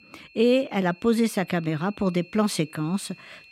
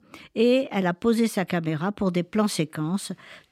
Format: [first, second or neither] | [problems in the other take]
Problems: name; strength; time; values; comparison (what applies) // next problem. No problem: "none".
second | high-pitched whine; faint; throughout; 2.5 kHz, 25 dB below the speech